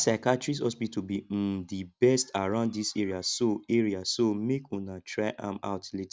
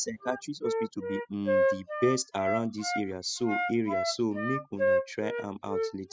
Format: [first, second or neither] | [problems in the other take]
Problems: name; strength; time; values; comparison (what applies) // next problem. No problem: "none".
first | noise reduction (classical method spectral subtraction)